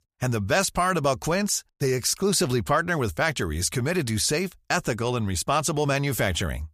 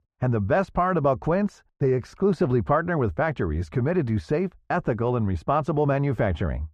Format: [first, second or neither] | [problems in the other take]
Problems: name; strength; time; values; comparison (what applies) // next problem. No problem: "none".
first | muffled; very; fading above 3.5 kHz